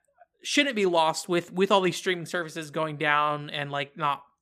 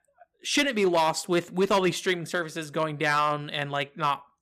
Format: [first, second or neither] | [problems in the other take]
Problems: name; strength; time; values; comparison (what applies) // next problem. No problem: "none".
first | distortion; slight; 3% of the sound clipped